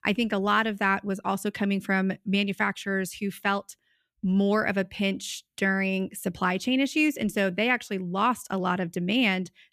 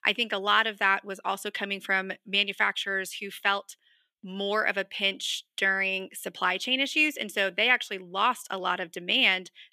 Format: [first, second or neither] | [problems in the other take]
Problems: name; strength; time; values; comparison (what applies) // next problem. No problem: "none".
first | thin; somewhat; fading below 400 Hz